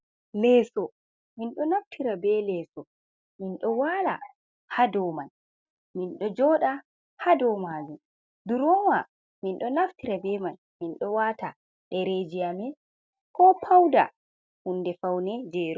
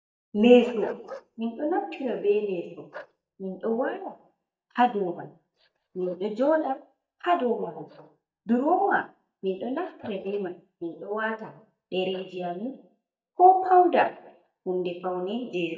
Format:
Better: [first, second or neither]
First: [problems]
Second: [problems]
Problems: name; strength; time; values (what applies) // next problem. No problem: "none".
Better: first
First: none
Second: noise reduction (neural mask model DeepFilterNet 3)